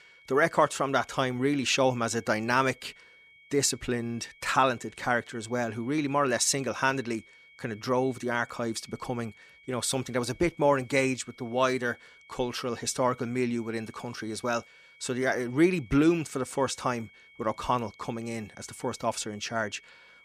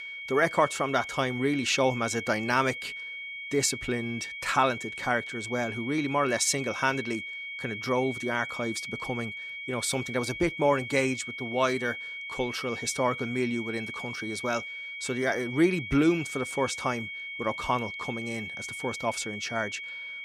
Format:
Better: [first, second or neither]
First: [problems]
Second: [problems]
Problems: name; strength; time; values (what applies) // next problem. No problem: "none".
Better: first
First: high-pitched whine; faint; throughout; 2 kHz, 25 dB below the speech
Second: high-pitched whine; loud; throughout; 2 kHz, 7 dB below the speech